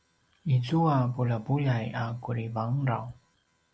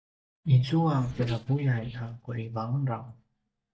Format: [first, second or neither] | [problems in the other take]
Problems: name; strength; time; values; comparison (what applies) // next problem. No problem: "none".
first | noise reduction (neural mask model DeepFilterNet 3)